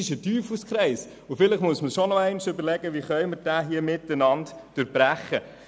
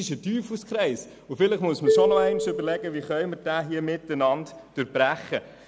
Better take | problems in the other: first | background sound (Marimba, xylophone); 3 dB below the speech

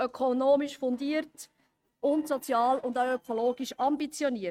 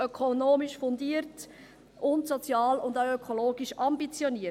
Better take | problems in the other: second | noise reduction (neural mask model RNNoise)

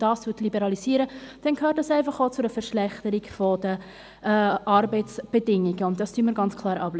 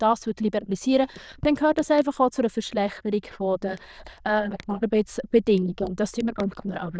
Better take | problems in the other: first | noise reduction (neural diffusion model UNIVERSE++)

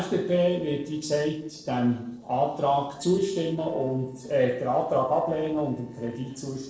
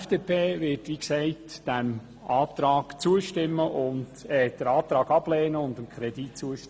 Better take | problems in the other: second | noise reduction (neural separator model SepFormer DNS4)

